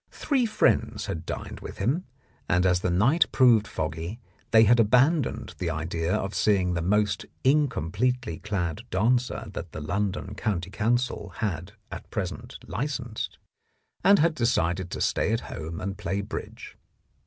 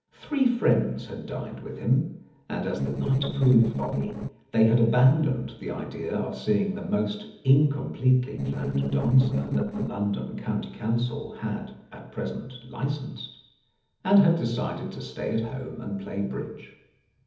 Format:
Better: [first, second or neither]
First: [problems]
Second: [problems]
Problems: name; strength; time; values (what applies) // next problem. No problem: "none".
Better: first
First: none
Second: noise reduction (neural separator model SepFormer DNS4)